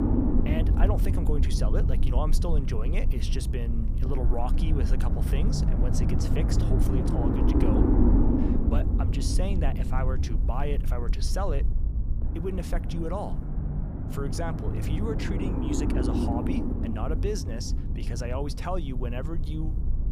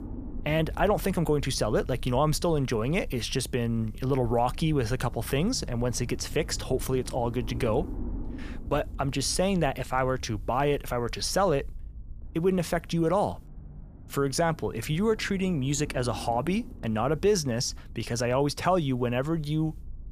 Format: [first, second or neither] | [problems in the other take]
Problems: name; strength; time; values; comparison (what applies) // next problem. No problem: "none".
second | low rumble; loud; throughout; 1 dB below the speech; faint in the second